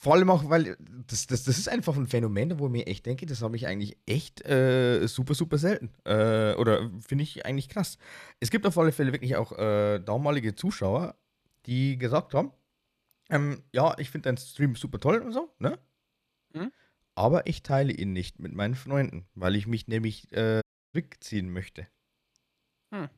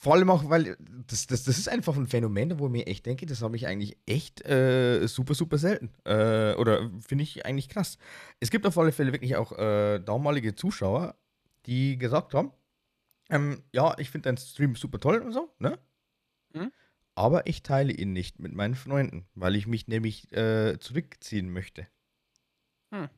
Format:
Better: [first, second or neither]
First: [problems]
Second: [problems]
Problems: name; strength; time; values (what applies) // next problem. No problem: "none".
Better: second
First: audio cutting out; at 21 s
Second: none